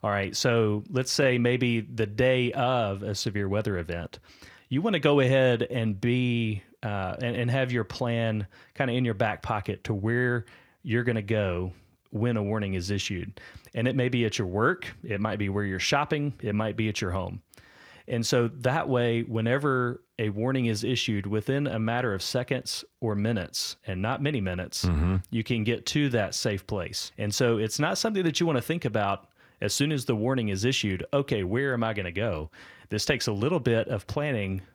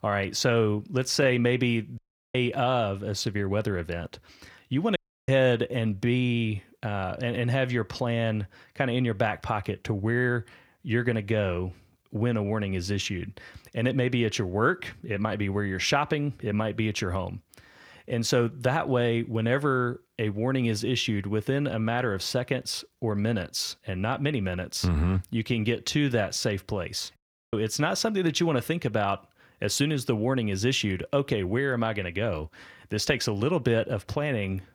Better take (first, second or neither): first